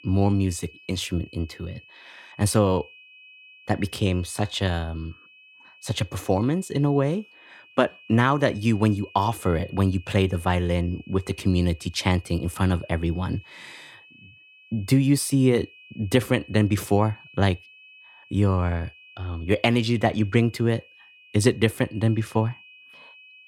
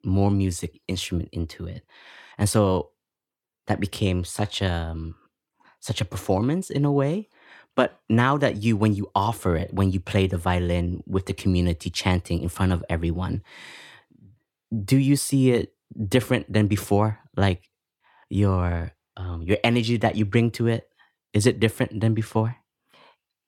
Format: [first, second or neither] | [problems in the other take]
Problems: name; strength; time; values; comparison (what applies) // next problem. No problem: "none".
second | high-pitched whine; faint; throughout; 2.5 kHz, 25 dB below the speech